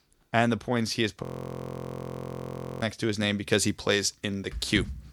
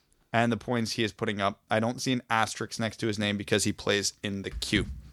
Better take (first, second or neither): second